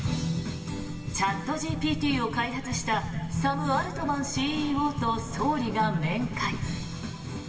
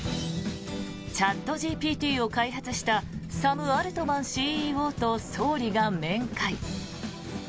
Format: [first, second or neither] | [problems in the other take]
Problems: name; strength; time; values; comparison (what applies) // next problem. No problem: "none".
second | room echo; dies away in 2.3 s